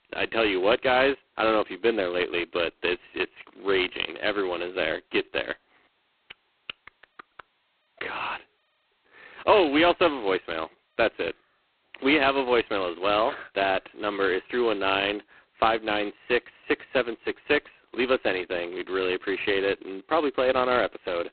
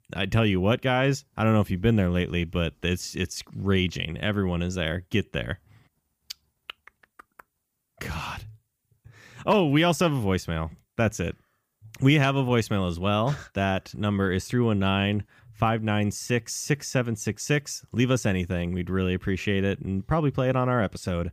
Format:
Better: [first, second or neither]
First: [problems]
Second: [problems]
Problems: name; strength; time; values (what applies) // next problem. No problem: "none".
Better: second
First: phone-call audio; poor line; nothing above 4 kHz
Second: none